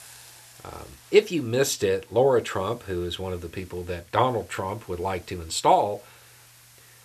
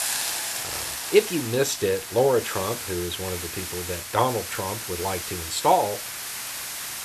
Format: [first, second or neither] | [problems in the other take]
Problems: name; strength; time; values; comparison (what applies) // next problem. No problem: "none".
first | hiss; loud; throughout; 5 dB below the speech; faint in the first